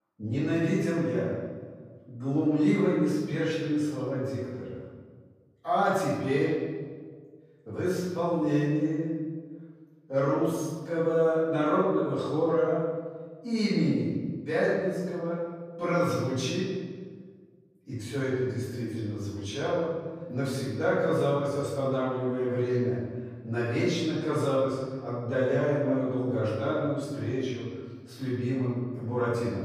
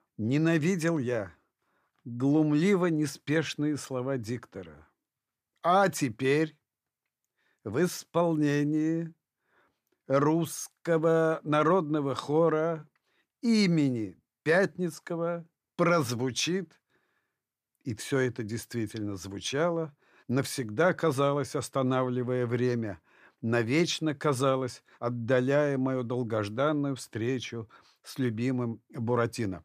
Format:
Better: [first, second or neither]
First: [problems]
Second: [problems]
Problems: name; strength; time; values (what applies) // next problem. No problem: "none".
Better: second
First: off-mic speech; far // room echo; strong; dies away in 1.6 s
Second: none